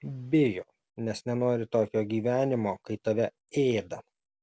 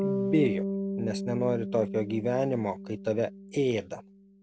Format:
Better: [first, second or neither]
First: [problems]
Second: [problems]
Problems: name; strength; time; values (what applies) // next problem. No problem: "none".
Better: first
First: none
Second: background sound (Bass guitar); 4 dB below the speech